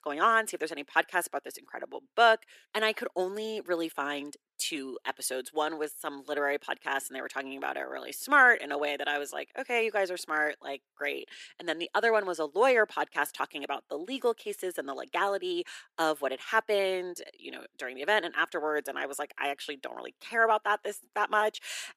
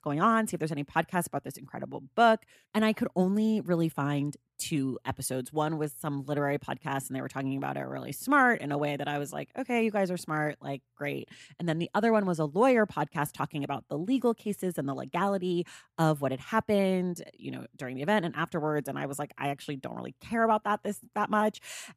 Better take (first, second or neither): second